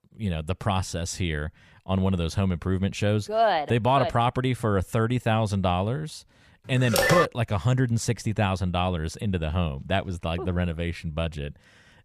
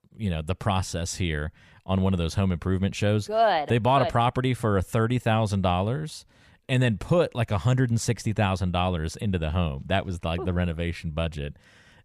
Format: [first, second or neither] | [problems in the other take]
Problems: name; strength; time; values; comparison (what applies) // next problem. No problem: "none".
second | phone ringing; loud; at 7 s; peak 4 dB above the speech